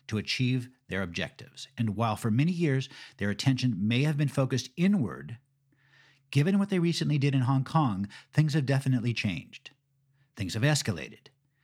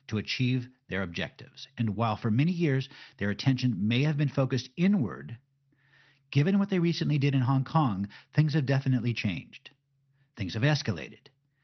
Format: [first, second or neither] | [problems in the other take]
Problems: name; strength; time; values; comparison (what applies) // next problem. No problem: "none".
first | garbled, watery; slightly; nothing above 6 kHz